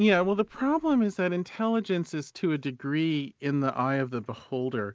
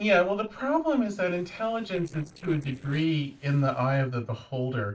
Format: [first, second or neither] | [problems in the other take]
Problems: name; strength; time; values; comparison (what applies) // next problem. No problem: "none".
first | noise reduction (neural separator model SepFormer DNS4)